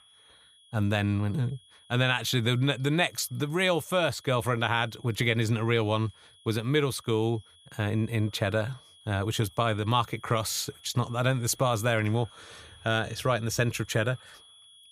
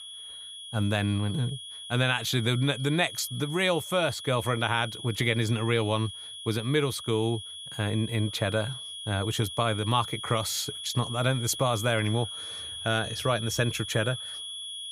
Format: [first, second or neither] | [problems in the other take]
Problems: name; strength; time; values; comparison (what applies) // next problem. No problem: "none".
first | high-pitched whine; loud; throughout; 3.5 kHz, 9 dB below the speech; faint in the first